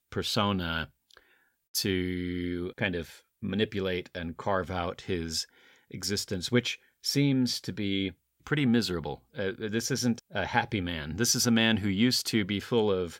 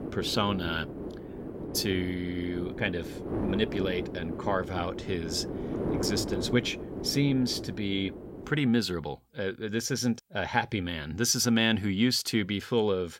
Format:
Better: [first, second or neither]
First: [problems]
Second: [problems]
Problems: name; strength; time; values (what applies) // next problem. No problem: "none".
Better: first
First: none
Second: wind noise on the microphone; heavy; until 8.5 s; 9 dB below the speech